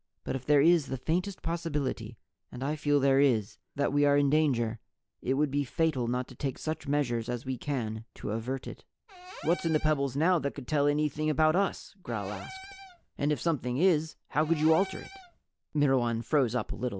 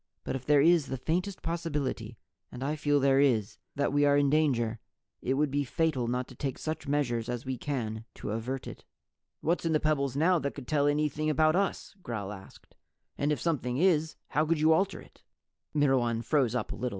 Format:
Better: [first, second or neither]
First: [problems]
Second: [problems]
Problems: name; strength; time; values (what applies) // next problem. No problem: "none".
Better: second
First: background sound (Cupboard open or close / Door); 17 dB below the speech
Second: none